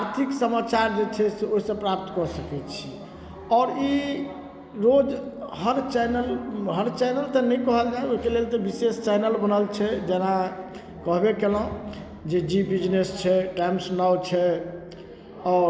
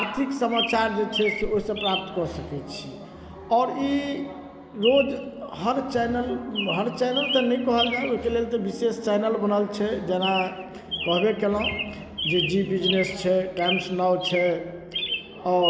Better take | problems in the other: first | background sound (Chirp, tweet); 8 dB below the speech

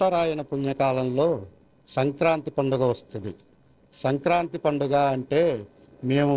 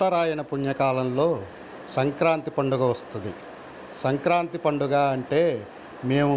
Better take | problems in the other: second | noise reduction (neural separator model SepFormer DNS4)

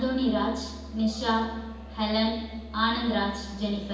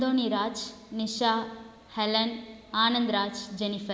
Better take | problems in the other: second | background sound (Musical instrument); 14 dB below the speech // room echo; dies away in 0.9 s

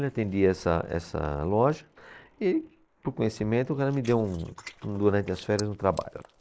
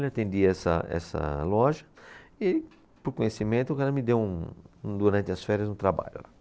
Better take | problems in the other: second | noise reduction (neural mask model Resemble Enhance denoiser)

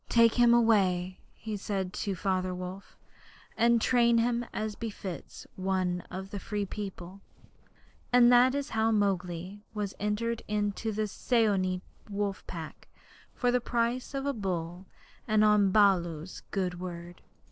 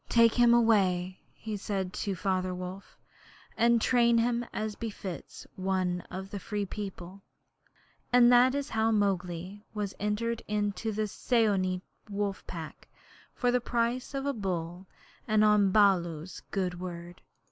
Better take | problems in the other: second | noise reduction (neural separator model SepFormer DNS4)

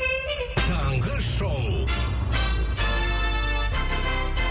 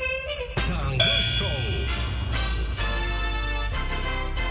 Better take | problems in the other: first | background sound (Hi-hat); 5 dB below the speech

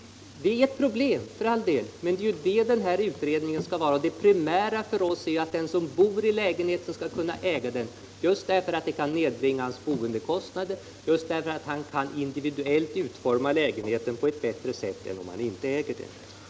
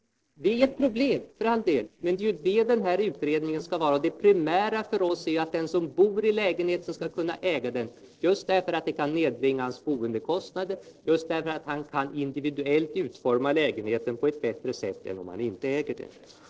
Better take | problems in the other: first | noise reduction (neural separator model SepFormer DNS4)

